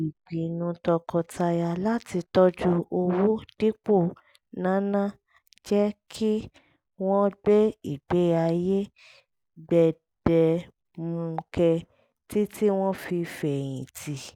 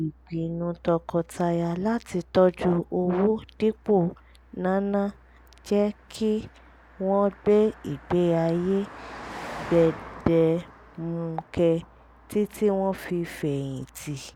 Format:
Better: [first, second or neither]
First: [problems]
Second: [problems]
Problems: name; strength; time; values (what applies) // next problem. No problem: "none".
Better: first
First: none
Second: background sound (Car passing by); 20 dB below the speech